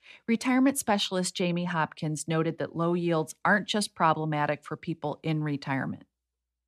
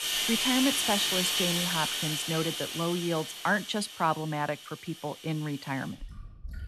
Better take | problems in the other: first | household noises; very loud; throughout; 3 dB above the speech

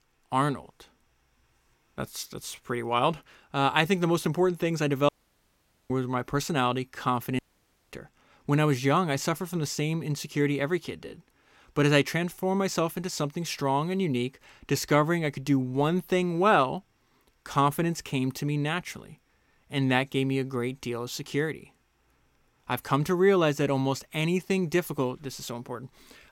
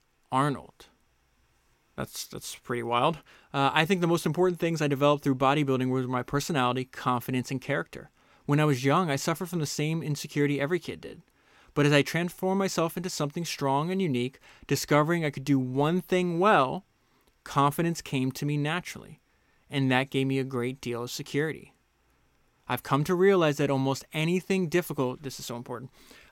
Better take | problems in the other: second | audio cutting out; at 5 s for 1 s and at 7.5 s for 0.5 s

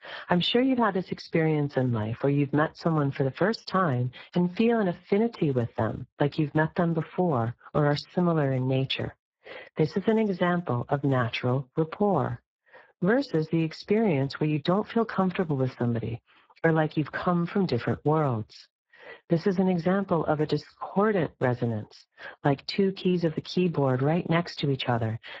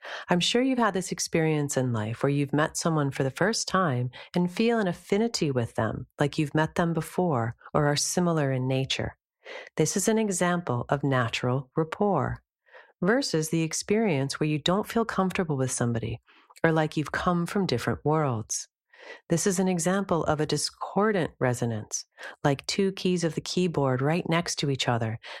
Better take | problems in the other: second | garbled, watery; badly

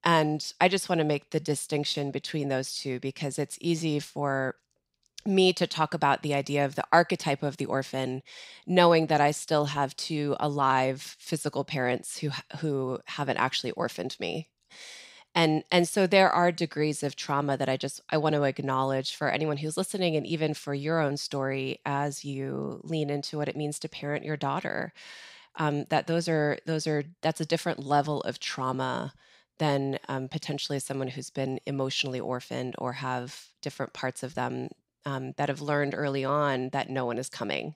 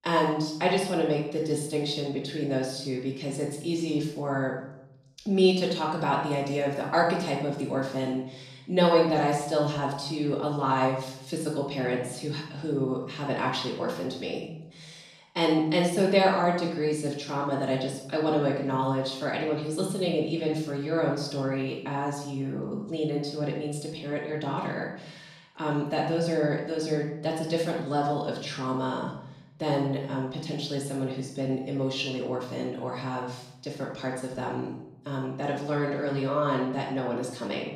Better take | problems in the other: first | off-mic speech; far // room echo; noticeable; dies away in 0.7 s

